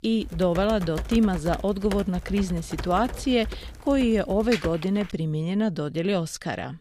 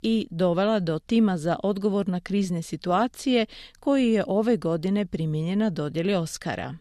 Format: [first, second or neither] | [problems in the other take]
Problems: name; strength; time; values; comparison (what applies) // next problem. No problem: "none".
second | keyboard typing; noticeable; until 5 s; peak 7 dB below the speech